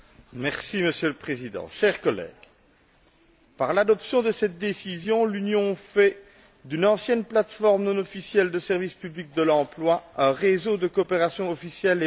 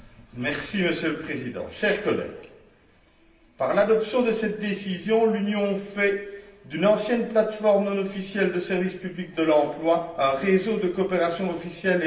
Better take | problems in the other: first | room echo; dies away in 0.9 s

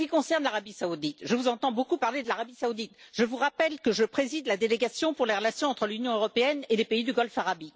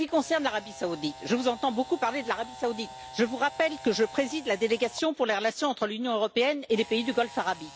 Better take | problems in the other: first | background sound (Camera); 18 dB below the speech

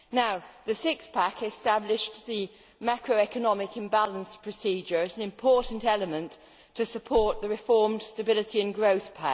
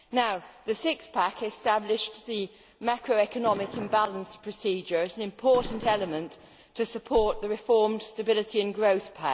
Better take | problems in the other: first | background sound (Fireworks); 15 dB below the speech

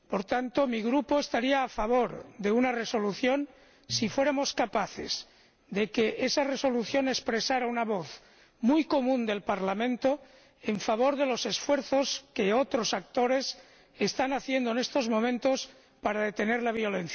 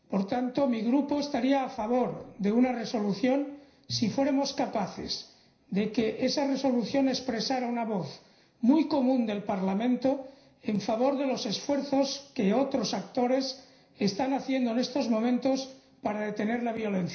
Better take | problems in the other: first | room echo; dies away in 0.5 s

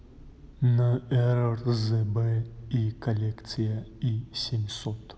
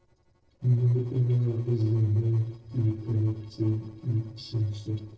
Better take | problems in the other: first | noise reduction (neural separator model SepFormer DNS4)

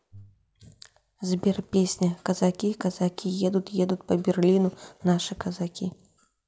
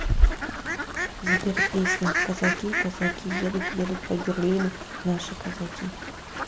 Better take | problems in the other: first | background sound (Fowl); 2 dB above the speech // room echo; dies away in 0.6 s

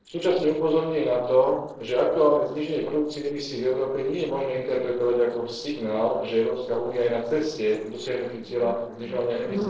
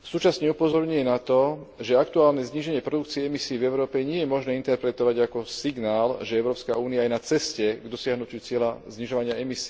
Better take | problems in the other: second | noise reduction (neural separator model SepFormer DNS4)

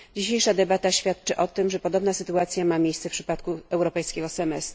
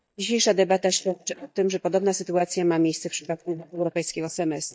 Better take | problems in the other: first | noise reduction (neural mask model DeepFilterNet 3)

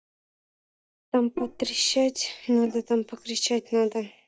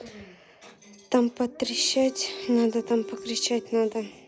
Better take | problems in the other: second | noise reduction (neural mask model DeepFilterNet 3)

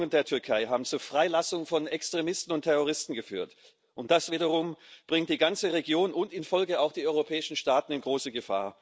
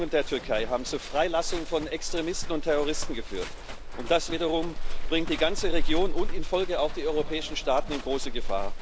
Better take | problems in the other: first | background sound (Livestock, farm animals, working animals); 1 dB above the speech

